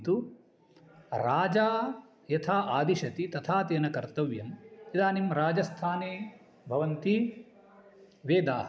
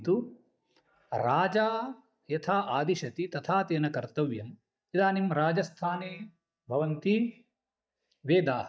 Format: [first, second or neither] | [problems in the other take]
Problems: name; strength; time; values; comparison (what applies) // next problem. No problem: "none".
first | noise reduction (neural mask model DeepFilterNet 3)